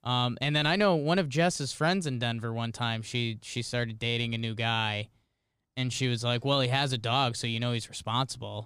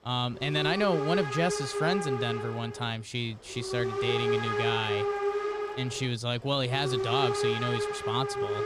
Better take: first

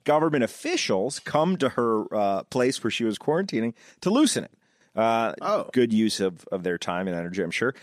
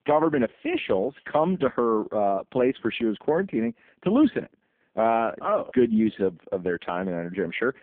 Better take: first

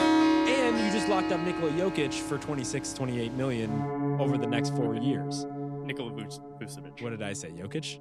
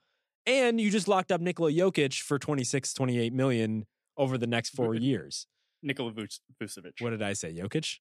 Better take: second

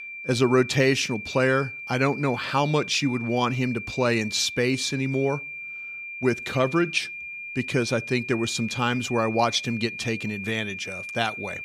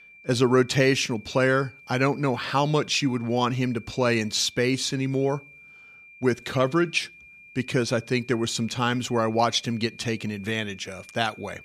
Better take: second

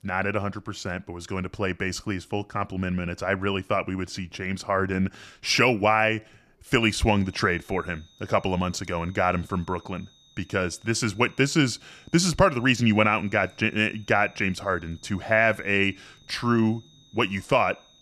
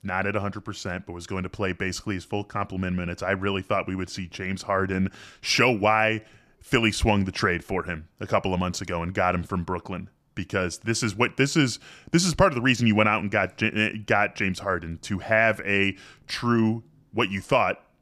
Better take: second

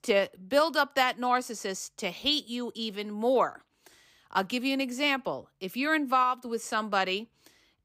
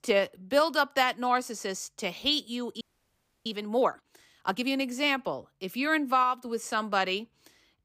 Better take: first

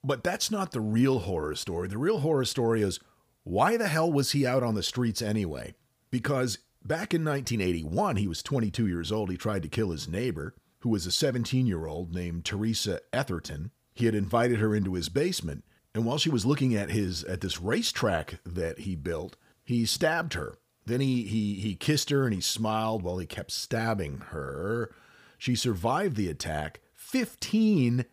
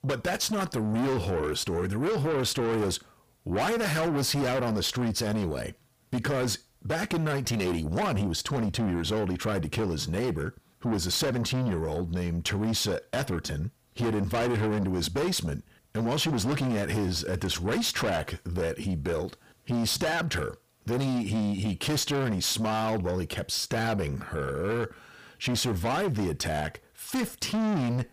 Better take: first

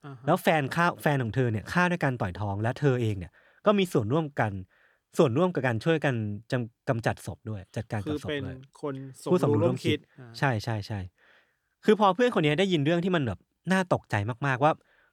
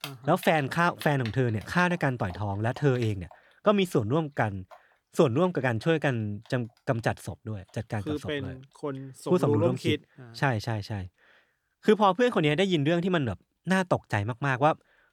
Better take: first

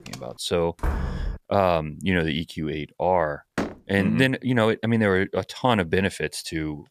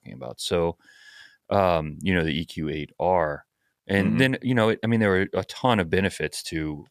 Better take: second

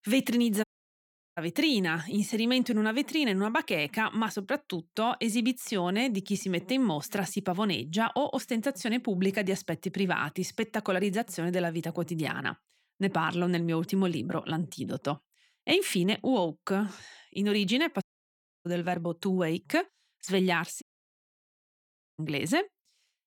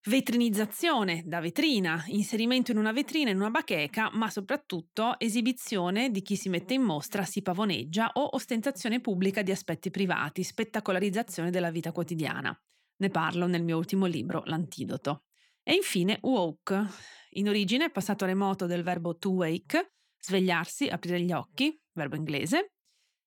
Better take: second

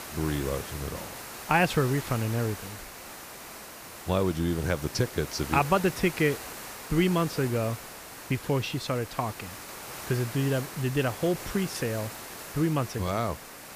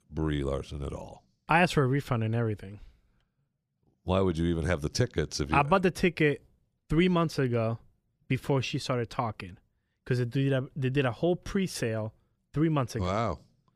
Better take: second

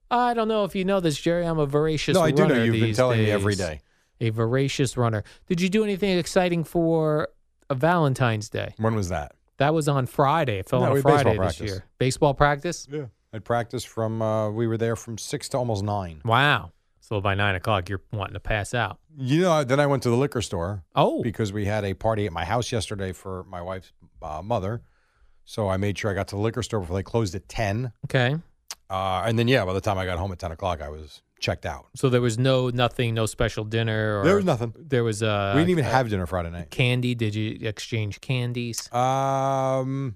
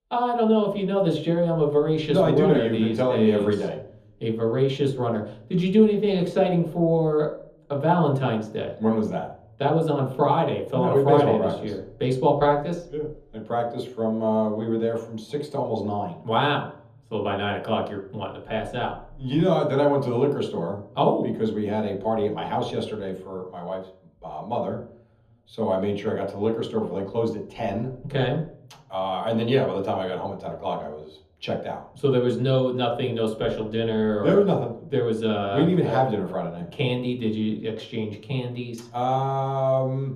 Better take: first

